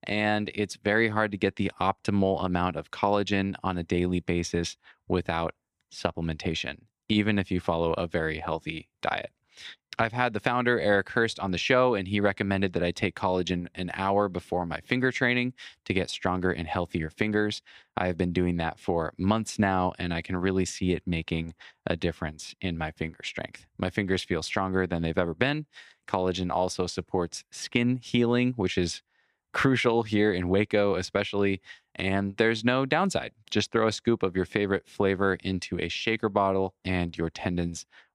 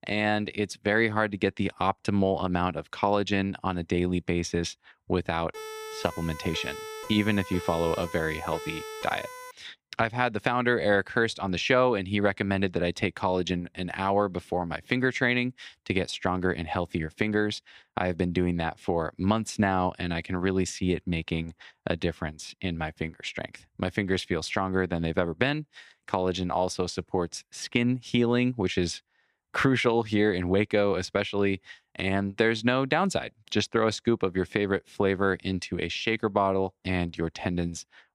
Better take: first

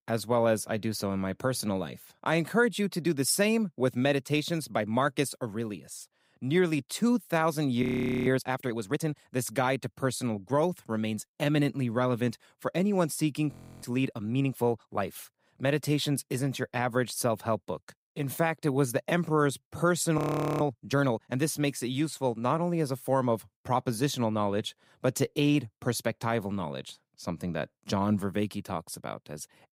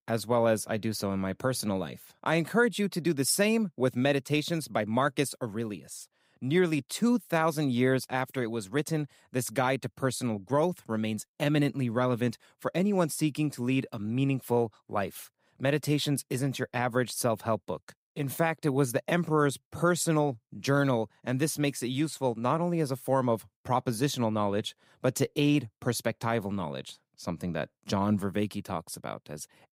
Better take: second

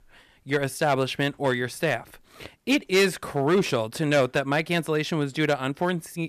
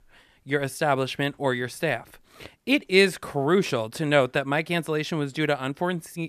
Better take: second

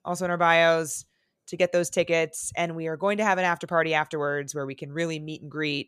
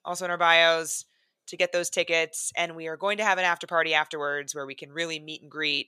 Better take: first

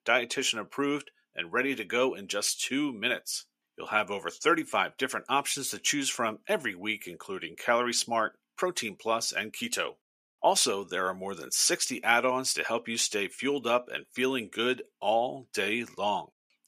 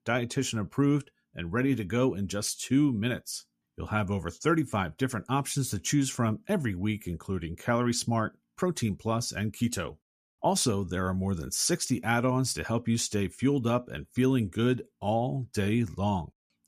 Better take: second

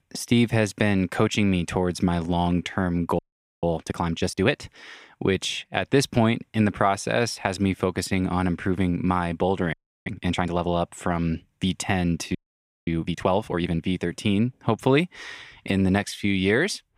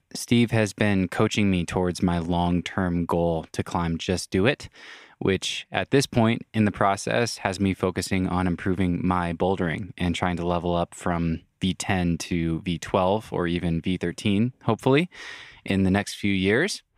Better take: second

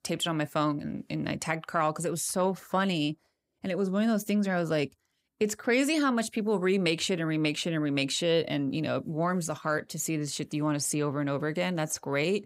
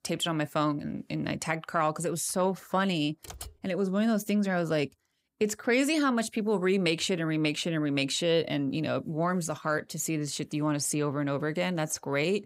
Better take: first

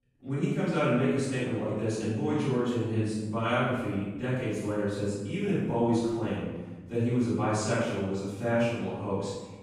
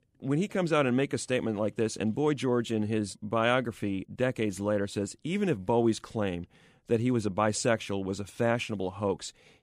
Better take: second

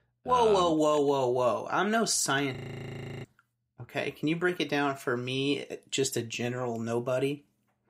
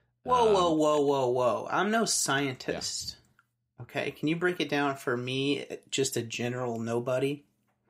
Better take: second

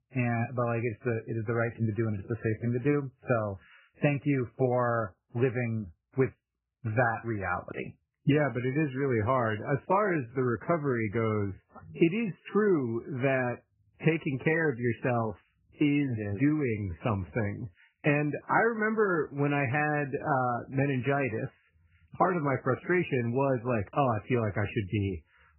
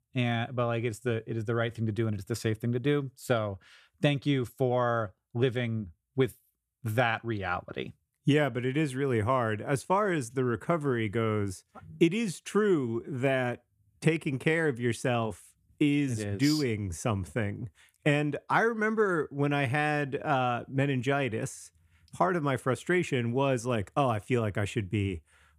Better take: second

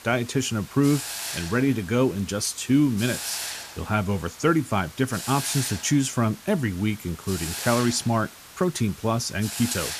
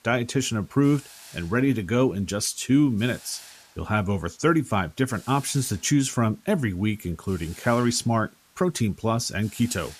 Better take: second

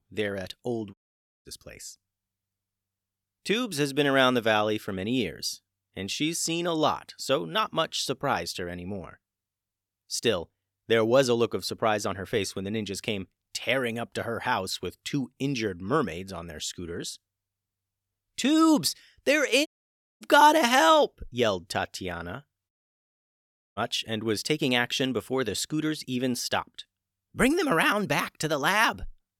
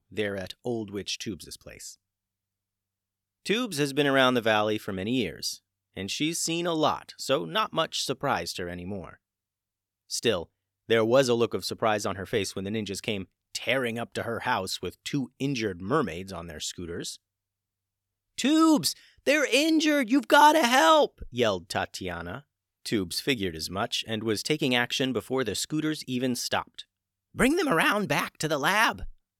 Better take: second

